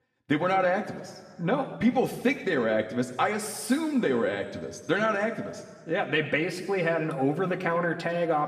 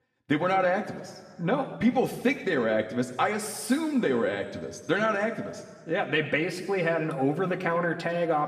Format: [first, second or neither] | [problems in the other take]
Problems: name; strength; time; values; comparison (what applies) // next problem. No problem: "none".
neither | room echo; slight; dies away in 1.3 s; the same in both // off-mic speech; somewhat distant; the same in both